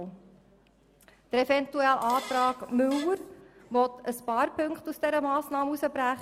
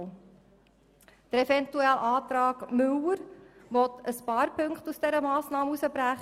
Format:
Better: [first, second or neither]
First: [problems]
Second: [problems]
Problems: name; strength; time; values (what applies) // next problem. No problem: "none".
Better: second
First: background sound (Fart); 14 dB below the speech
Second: none